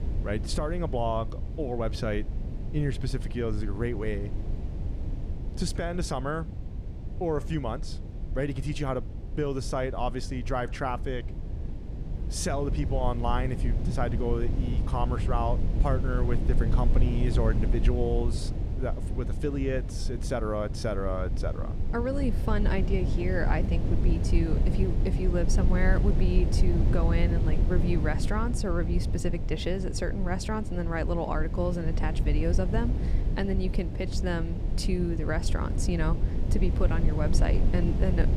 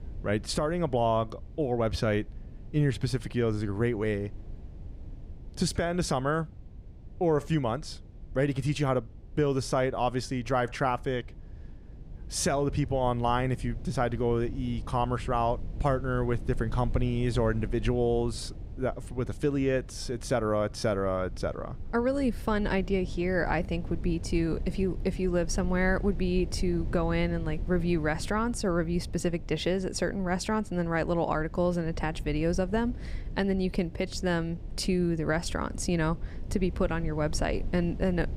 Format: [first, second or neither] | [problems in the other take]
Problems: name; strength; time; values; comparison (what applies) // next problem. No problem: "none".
second | low rumble; loud; throughout; 9 dB below the speech; faint in the second